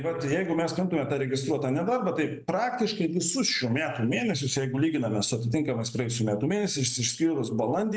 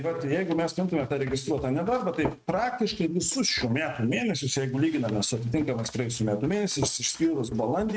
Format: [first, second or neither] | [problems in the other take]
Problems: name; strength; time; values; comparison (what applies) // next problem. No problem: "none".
first | noise reduction (neural mask model RNNoise)